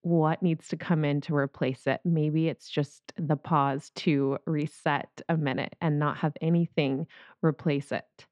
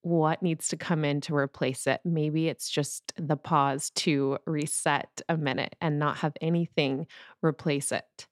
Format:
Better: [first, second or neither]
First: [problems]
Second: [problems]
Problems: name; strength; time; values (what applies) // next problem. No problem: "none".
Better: second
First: muffled; slightly; fading above 3 kHz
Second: none